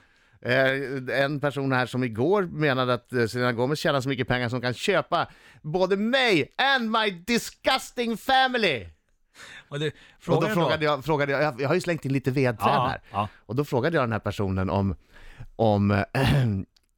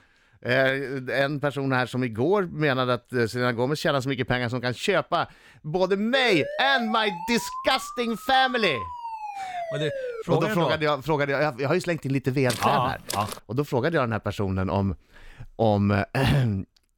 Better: first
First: none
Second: siren; noticeable; from 6 to 10 s; peak 7 dB below the speech // footsteps; noticeable; at 12 s; peak 7 dB below the speech

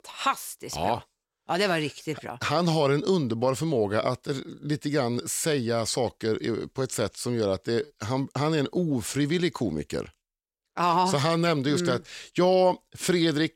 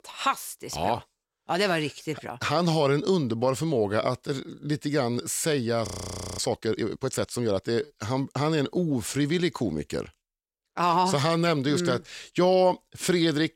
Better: first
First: none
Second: audio freezing; at 6 s for 0.5 s

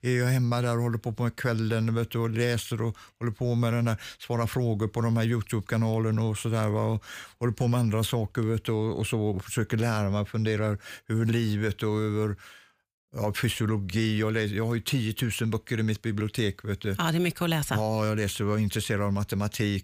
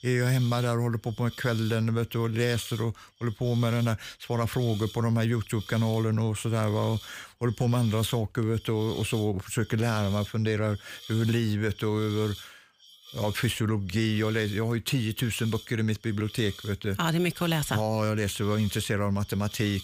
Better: first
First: none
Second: hiss; noticeable; throughout; 15 dB below the speech

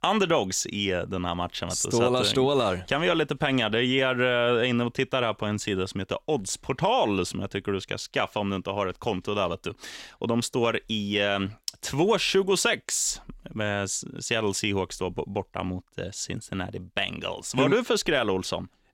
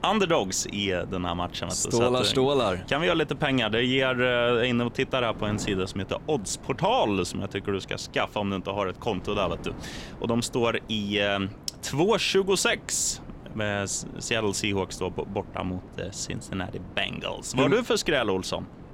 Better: first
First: none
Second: wind noise on the microphone; occasional gusts; 20 dB below the speech

